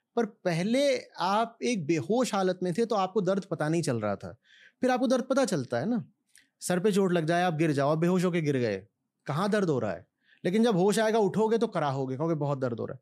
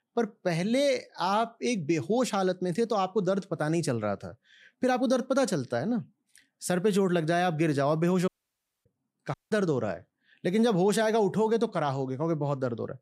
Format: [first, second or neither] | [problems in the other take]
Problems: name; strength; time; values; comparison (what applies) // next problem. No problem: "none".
first | audio cutting out; at 8.5 s for 0.5 s and at 9.5 s